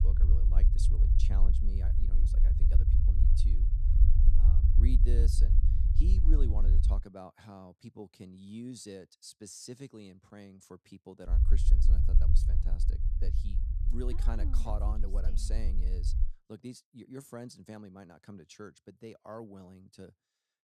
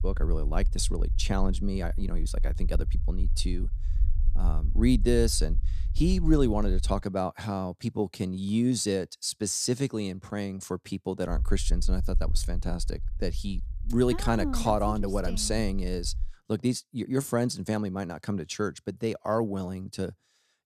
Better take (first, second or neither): second